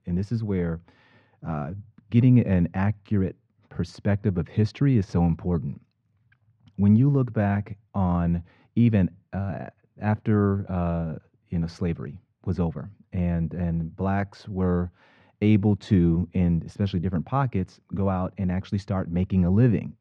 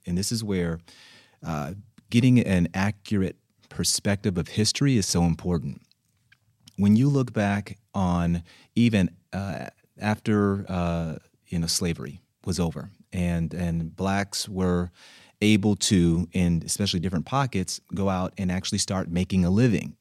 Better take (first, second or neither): second